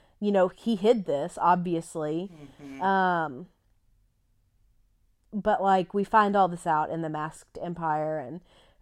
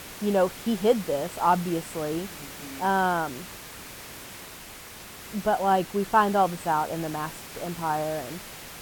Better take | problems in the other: first | hiss; noticeable; throughout; 15 dB below the speech

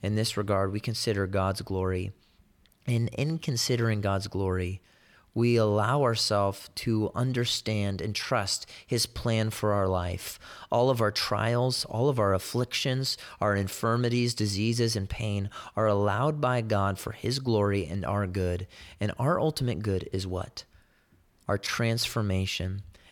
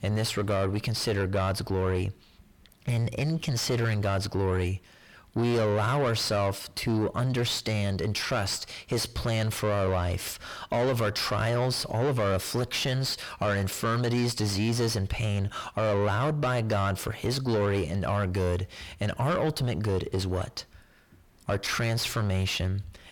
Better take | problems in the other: first | distortion; heavy; 7 dB below the speech

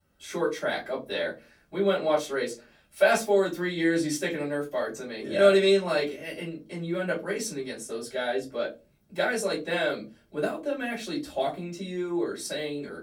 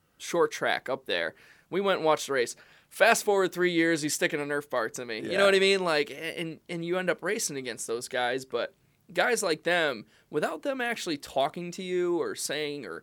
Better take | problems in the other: second | off-mic speech; far // room echo; very slight; dies away in 0.3 s

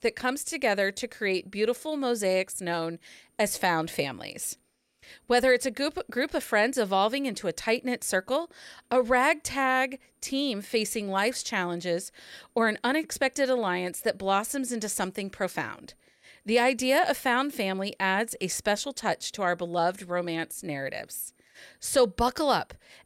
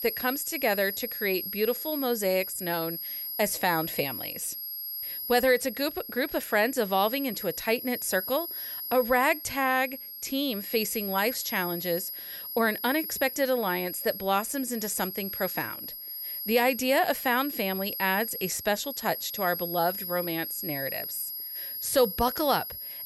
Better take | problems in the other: first | high-pitched whine; loud; throughout; 11.5 kHz, 6 dB below the speech

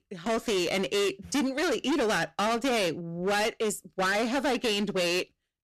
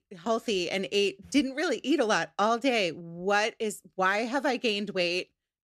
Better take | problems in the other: second | distortion; heavy; 25% of the sound clipped

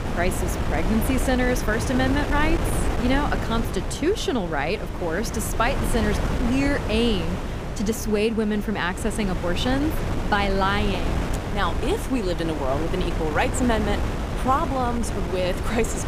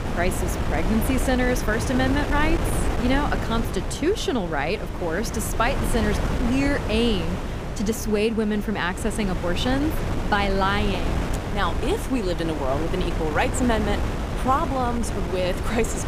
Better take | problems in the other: neither | wind noise on the microphone; heavy; 6 dB below the speech; the same in both

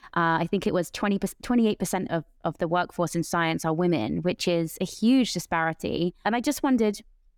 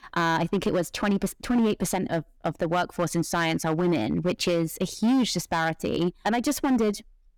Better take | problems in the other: first | distortion; slight; 9% of the sound clipped

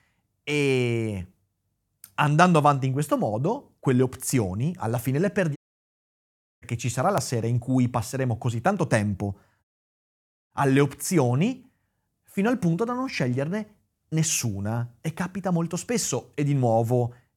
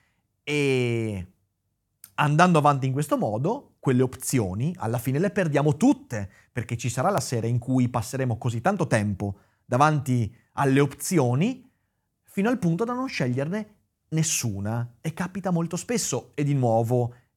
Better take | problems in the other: second | audio cutting out; at 5.5 s for 1 s and at 9.5 s for 1 s

